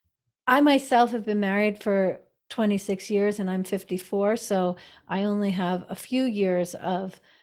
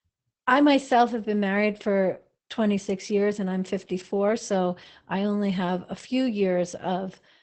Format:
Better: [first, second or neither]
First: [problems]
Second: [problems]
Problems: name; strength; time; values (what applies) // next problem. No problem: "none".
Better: first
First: garbled, watery; slightly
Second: garbled, watery; badly; nothing above 8 kHz